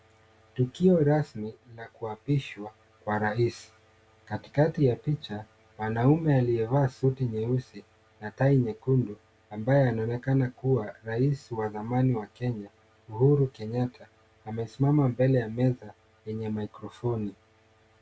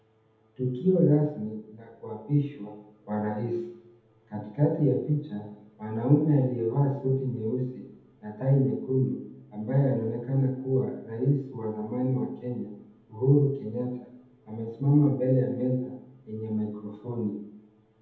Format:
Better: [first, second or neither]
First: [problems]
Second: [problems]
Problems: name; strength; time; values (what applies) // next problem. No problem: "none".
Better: first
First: none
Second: room echo; dies away in 0.8 s